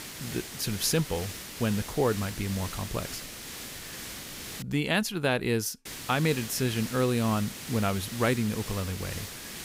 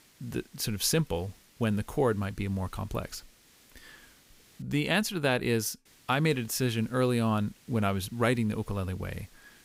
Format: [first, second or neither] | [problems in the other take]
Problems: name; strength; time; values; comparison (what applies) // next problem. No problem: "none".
second | hiss; loud; until 4.5 s and from 6 s on; 9 dB below the speech; faint in the second